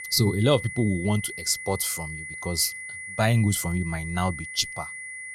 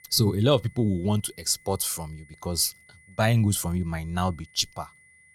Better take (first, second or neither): second